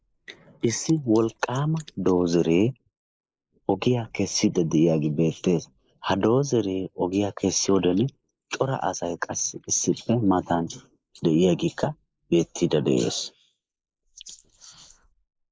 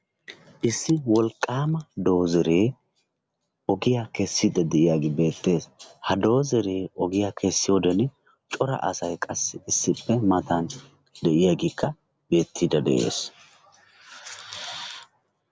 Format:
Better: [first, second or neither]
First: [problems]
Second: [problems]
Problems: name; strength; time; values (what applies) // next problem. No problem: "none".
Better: second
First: noise reduction (neural mask model Resemble Enhance denoiser)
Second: none